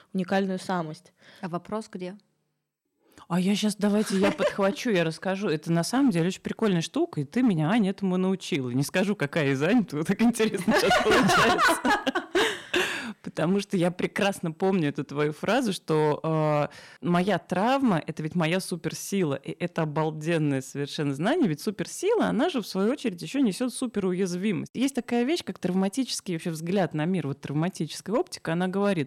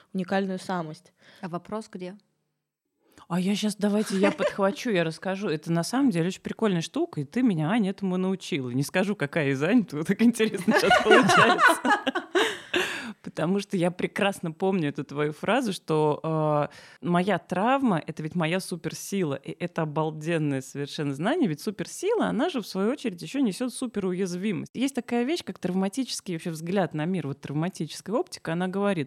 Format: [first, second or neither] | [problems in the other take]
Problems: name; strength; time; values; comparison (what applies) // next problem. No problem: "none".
second | distortion; slight; 4% of the sound clipped